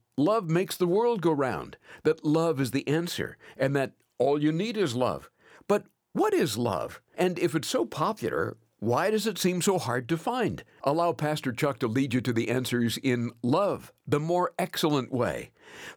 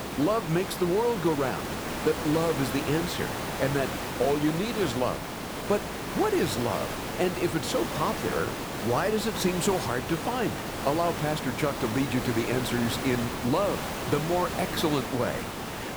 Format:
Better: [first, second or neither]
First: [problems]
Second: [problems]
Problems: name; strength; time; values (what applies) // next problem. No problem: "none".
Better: first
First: none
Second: hiss; loud; throughout; 4 dB below the speech